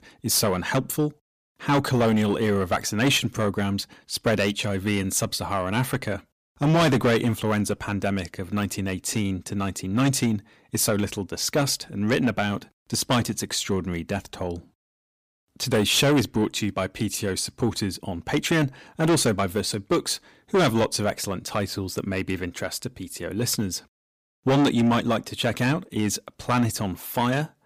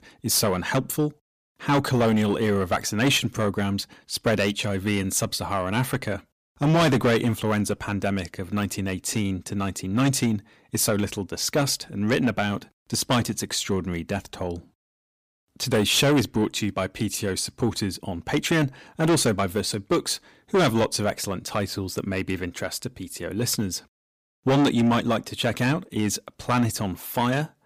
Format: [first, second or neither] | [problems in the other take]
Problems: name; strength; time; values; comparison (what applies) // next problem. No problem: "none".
neither | distortion; heavy; 7 dB below the speech; the same in both